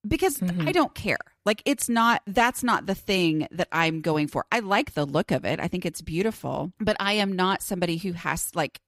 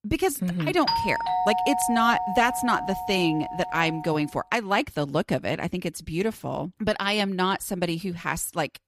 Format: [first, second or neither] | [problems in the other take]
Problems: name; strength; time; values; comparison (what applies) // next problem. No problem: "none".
first | doorbell; loud; from 1 to 4 s; peak 1 dB above the speech